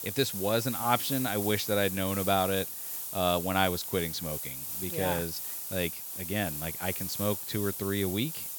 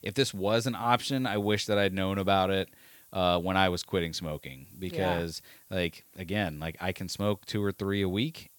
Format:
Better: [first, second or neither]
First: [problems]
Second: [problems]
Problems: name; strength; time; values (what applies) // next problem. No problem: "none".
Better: second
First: hiss; loud; throughout; 3 dB below the speech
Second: hiss; faint; throughout; 25 dB below the speech